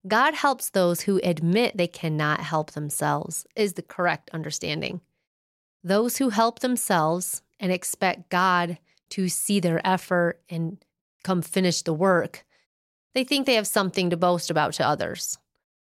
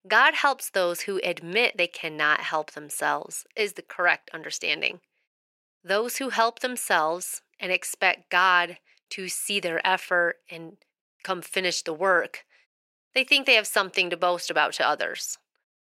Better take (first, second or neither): first